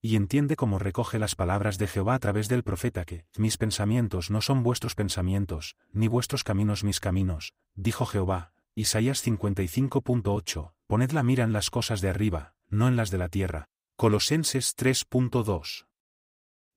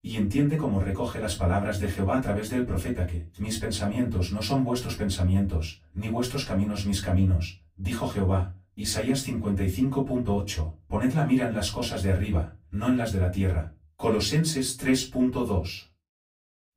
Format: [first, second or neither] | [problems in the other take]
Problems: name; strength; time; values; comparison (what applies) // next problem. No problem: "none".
first | off-mic speech; far // room echo; very slight; dies away in 0.2 s